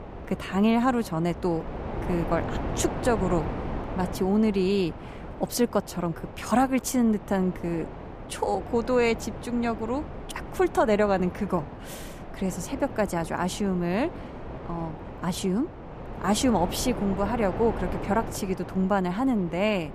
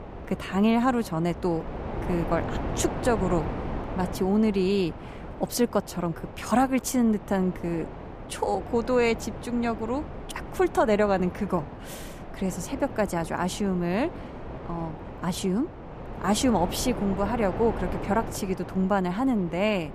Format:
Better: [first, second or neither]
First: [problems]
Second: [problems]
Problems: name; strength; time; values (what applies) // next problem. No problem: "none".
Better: neither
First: wind noise on the microphone; occasional gusts; 10 dB below the speech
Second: wind noise on the microphone; occasional gusts; 10 dB below the speech